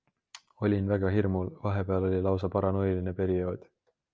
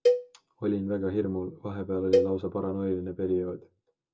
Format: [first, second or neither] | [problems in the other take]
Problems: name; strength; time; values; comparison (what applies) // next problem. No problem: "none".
first | background sound (Cowbell); as loud as the speech // room echo; dies away in 0.2 s